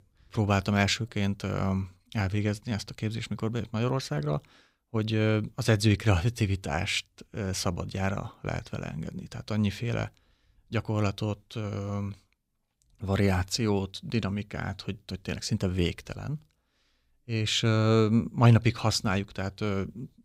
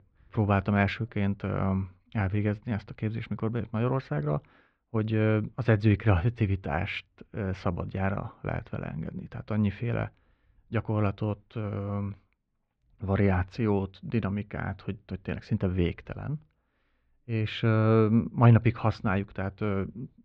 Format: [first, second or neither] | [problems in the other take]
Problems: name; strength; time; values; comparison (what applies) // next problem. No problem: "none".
first | muffled; very; fading above 2 kHz